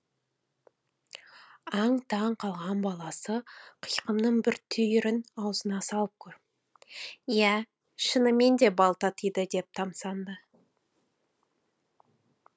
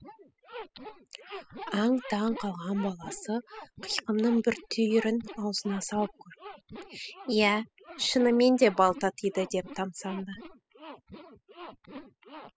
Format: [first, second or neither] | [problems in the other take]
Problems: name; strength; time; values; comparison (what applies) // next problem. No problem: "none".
first | noise reduction (classical method spectral subtraction)